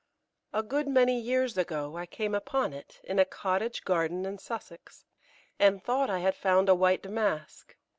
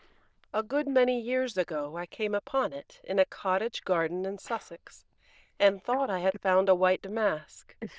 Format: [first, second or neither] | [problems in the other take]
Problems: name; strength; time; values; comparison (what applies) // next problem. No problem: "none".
first | noise reduction (neural diffusion model UNIVERSE++)